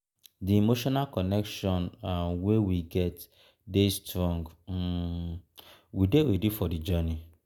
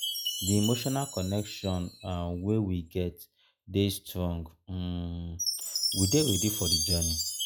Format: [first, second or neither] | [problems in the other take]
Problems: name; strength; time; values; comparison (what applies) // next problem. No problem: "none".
first | noise reduction (classical method log-MMSE)